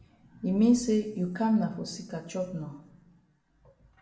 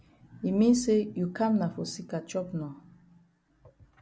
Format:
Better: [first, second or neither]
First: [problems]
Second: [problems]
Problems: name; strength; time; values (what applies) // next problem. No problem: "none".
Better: second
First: room echo; dies away in 0.6 s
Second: none